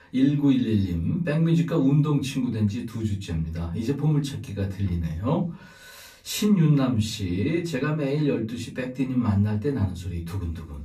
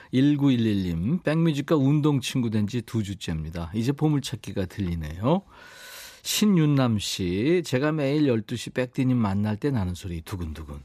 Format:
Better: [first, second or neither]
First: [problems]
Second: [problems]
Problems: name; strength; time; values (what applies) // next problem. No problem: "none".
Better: second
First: off-mic speech; far // room echo; very slight; dies away in 0.3 s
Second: none